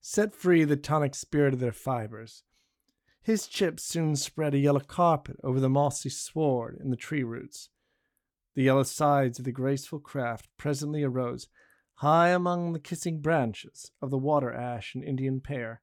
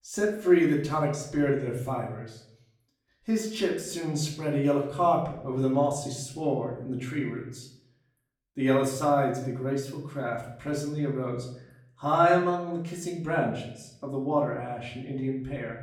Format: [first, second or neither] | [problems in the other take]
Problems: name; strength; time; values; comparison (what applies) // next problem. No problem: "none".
first | off-mic speech; far // room echo; slight; dies away in 0.6 s